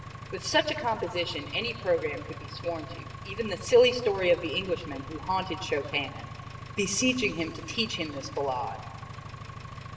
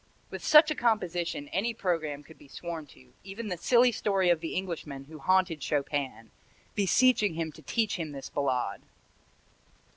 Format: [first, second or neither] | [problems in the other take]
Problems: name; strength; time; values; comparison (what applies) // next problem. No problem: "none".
second | background sound (Engine); 11 dB below the speech // room echo; dies away in 1.6 s